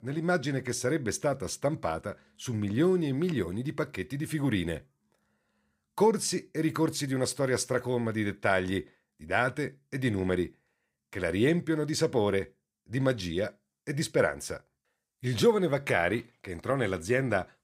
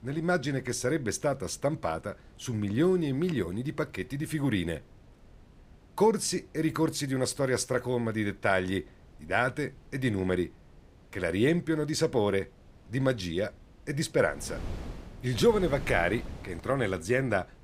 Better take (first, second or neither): first